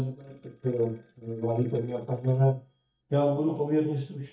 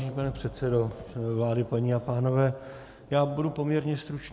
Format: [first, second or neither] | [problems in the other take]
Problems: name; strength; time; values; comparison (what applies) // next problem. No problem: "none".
second | noise reduction (neural mask model DeepFilterNet 3)